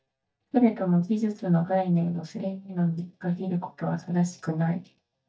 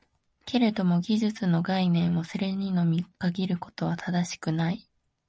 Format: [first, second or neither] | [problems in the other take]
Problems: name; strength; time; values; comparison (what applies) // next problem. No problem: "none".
second | noise reduction (neural mask model DeepFilterNet 3)